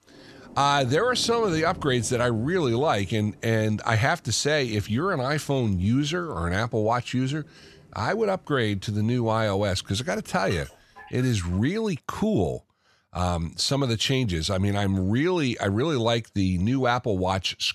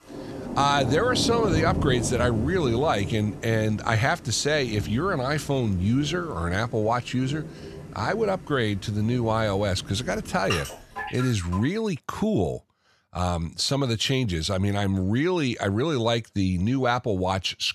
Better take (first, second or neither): first